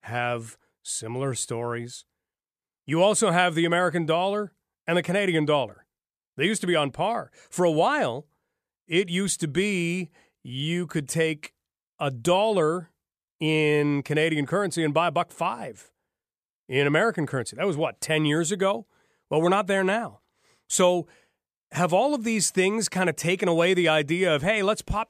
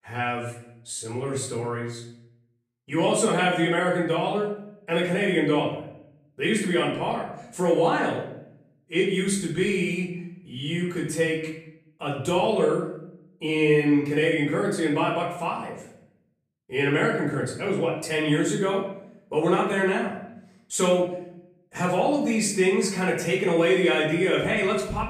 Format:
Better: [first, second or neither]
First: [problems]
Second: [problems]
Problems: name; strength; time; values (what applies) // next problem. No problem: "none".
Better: first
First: none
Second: off-mic speech; far // room echo; noticeable; dies away in 0.7 s